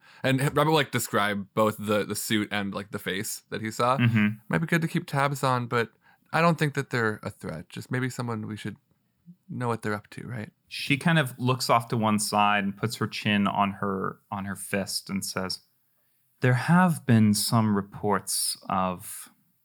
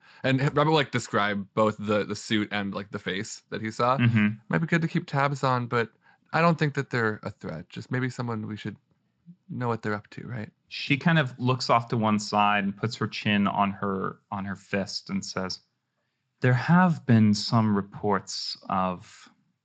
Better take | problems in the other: first | garbled, watery; slightly; nothing above 7.5 kHz

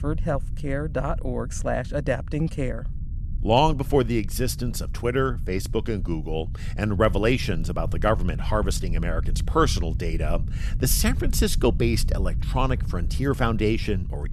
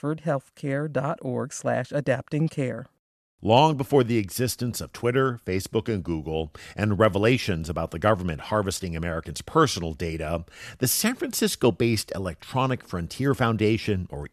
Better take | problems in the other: second | low rumble; noticeable; throughout; 20 dB below the speech

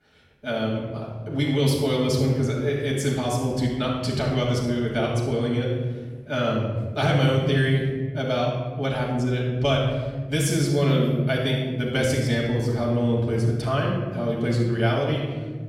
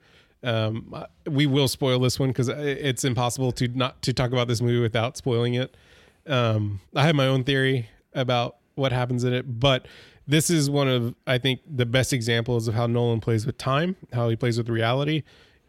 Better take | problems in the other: second | off-mic speech; far // room echo; noticeable; dies away in 1.7 s

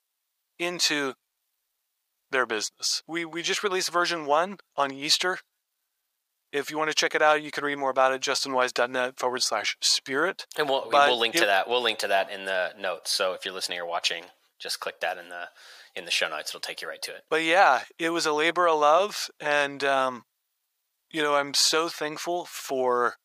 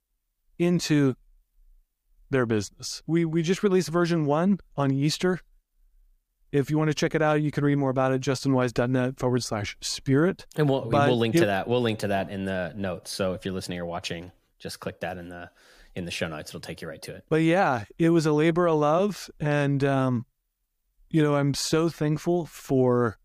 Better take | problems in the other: second | thin; very; fading below 800 Hz

